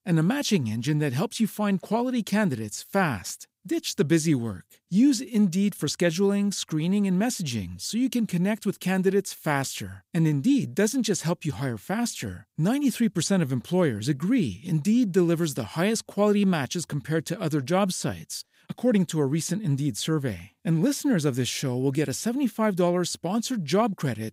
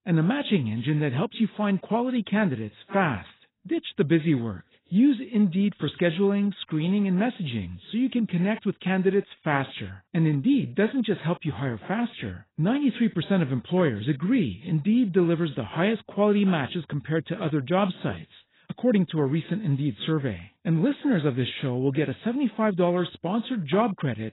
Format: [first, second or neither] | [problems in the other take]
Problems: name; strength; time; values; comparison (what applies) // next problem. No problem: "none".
first | garbled, watery; badly; nothing above 4 kHz